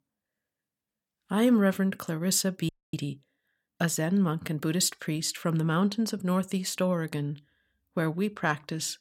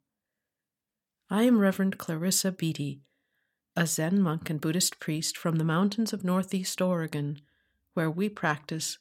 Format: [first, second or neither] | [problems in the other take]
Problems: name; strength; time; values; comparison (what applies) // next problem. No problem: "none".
second | audio freezing; at 2.5 s